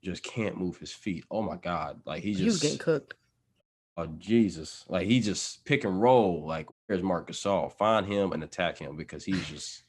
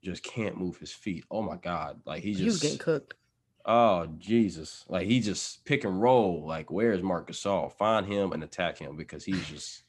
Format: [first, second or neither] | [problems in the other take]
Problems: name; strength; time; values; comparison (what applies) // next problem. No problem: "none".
second | audio cutting out; at 3.5 s and at 6.5 s